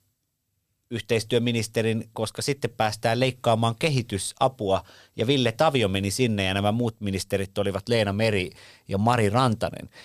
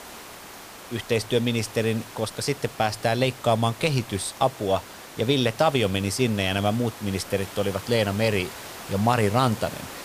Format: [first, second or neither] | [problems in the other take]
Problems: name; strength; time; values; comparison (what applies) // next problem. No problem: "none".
first | hiss; noticeable; throughout; 15 dB below the speech